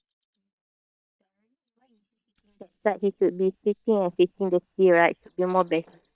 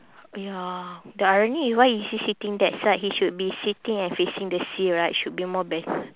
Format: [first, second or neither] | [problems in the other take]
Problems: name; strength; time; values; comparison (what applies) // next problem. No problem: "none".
second | noise reduction (neural mask model DeepFilterNet 3)